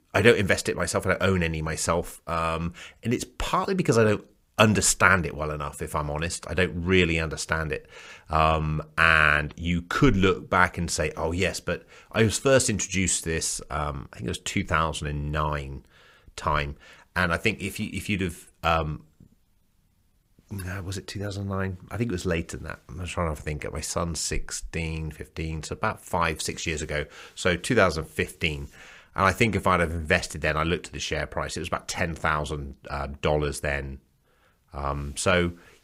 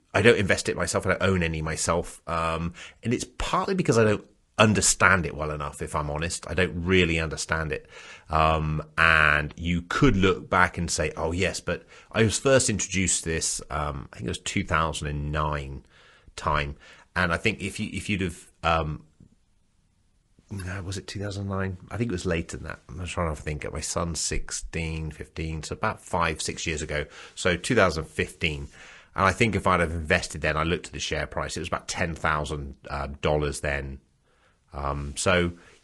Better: first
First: none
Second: garbled, watery; slightly; nothing above 10.5 kHz

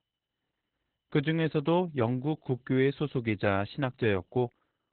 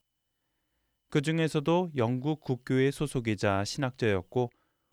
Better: second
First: garbled, watery; badly; nothing above 4 kHz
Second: none

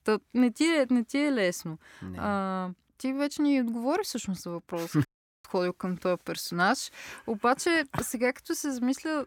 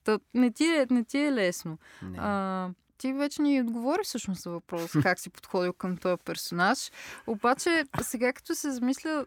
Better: second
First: audio cutting out; at 5 s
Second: none

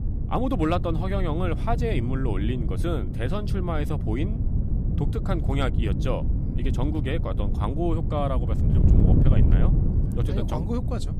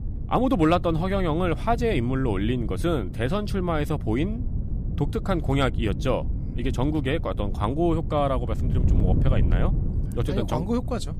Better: second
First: wind noise on the microphone; heavy; 6 dB below the speech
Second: wind noise on the microphone; occasional gusts; 15 dB below the speech

